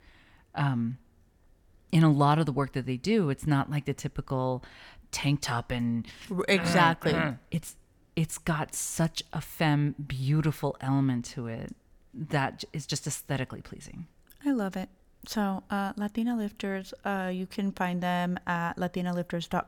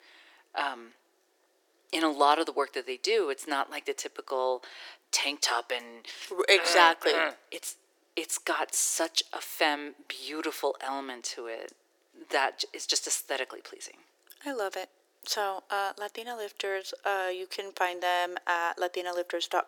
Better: first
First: none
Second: thin; very; fading below 350 Hz

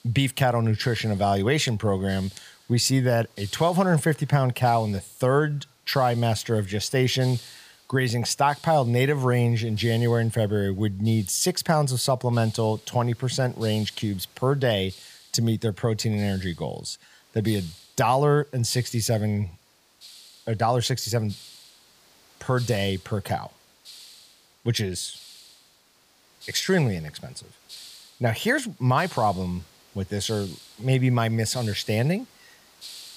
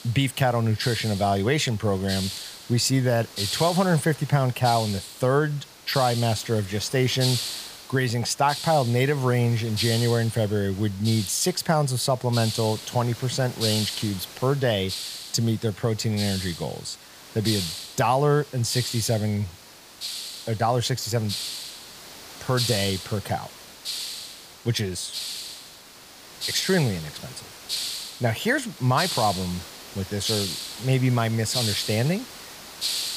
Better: first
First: hiss; faint; throughout; 20 dB below the speech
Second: hiss; loud; throughout; 7 dB below the speech

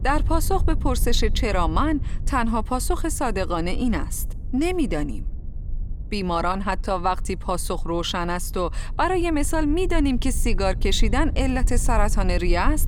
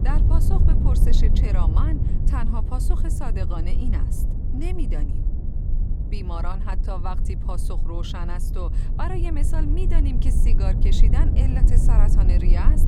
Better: first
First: low rumble; faint; throughout; 20 dB below the speech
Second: low rumble; loud; throughout; 3 dB below the speech

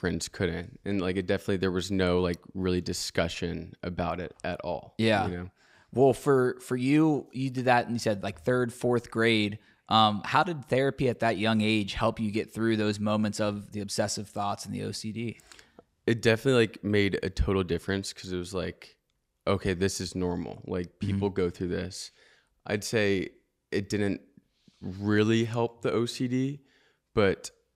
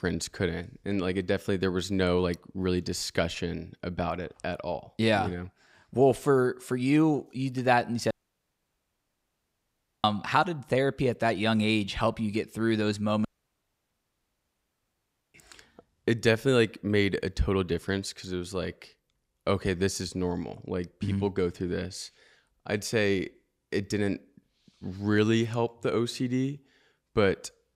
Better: first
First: none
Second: audio cutting out; at 8 s for 2 s and at 13 s for 2 s

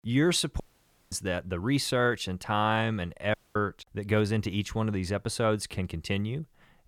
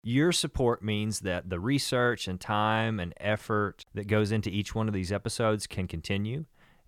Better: second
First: audio cutting out; at 0.5 s for 0.5 s and at 3.5 s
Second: none

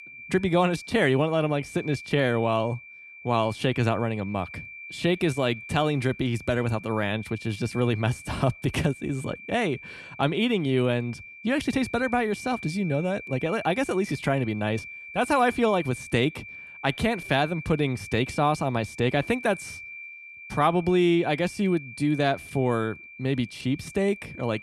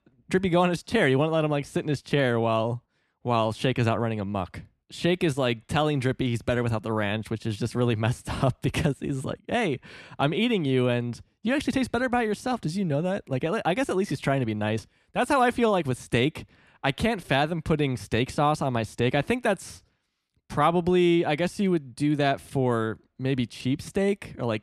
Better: second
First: high-pitched whine; noticeable; throughout; 2.5 kHz, 15 dB below the speech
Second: none

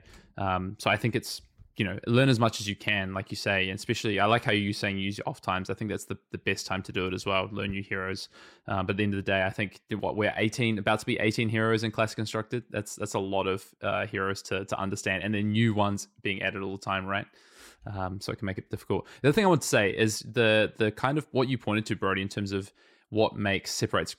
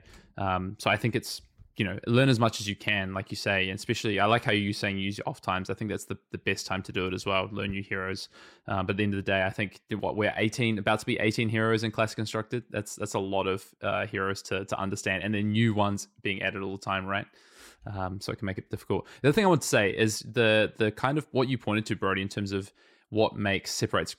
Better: neither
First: none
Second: none

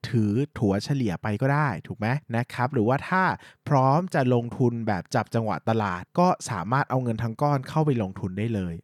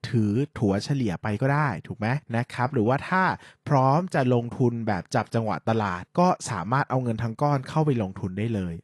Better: first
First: none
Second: garbled, watery; slightly

